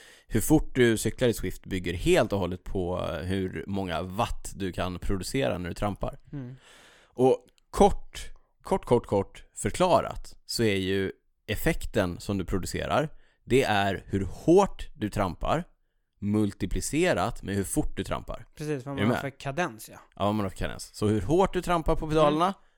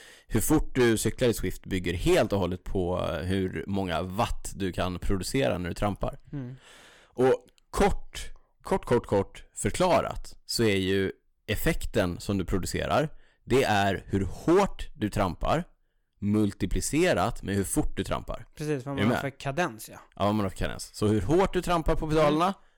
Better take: first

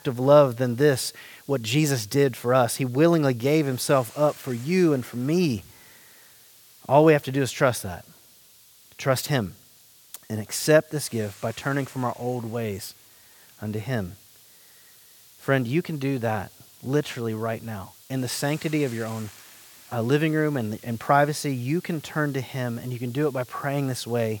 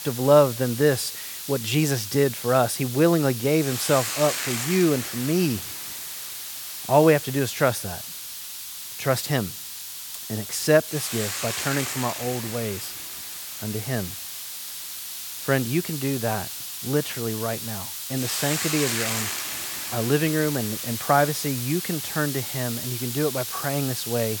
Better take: first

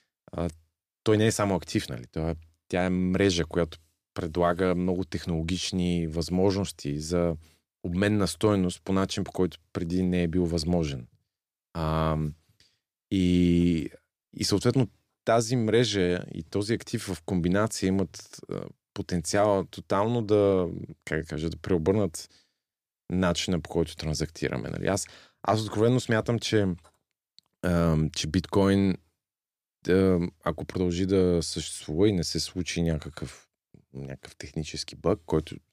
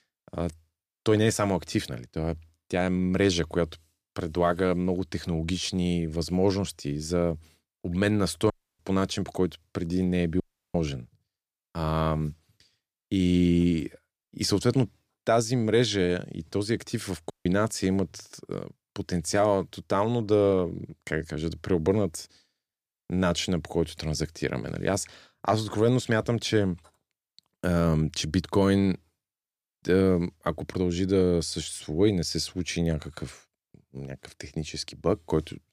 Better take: first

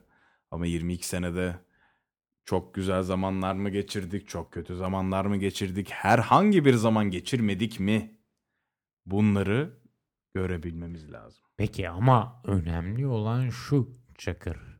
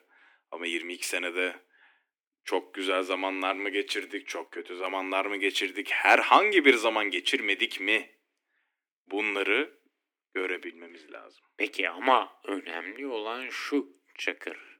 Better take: first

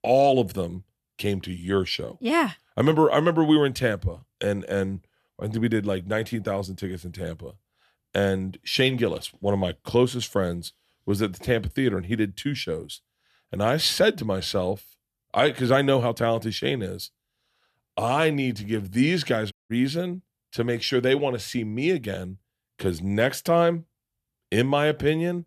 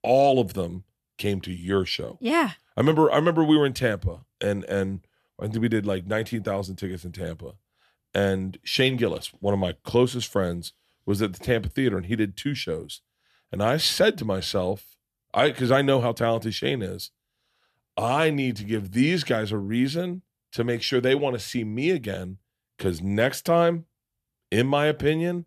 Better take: second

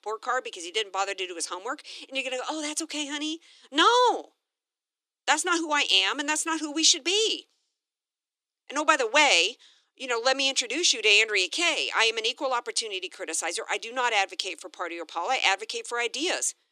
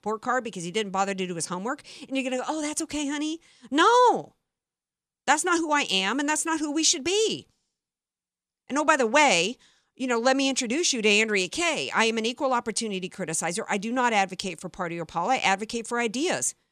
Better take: second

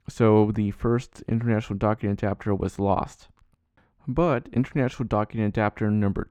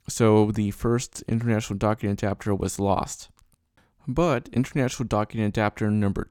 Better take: second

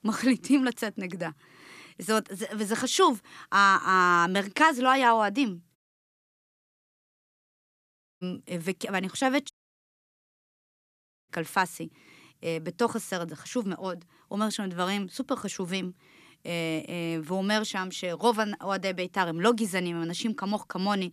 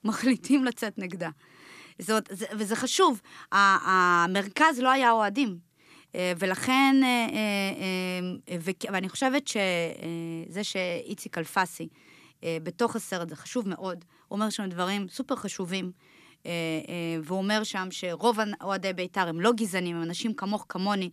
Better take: second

